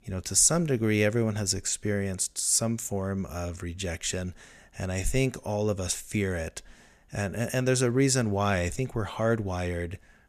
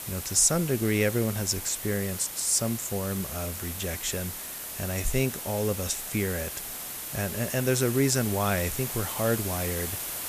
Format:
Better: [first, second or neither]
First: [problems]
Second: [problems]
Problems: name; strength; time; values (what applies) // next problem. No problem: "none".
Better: first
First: none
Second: hiss; loud; throughout; 6 dB below the speech